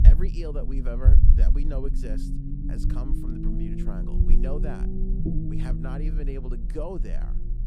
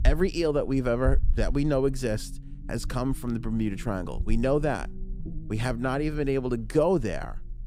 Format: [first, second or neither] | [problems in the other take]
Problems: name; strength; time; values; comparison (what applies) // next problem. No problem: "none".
second | low rumble; loud; throughout; 1 dB below the speech; faint in the second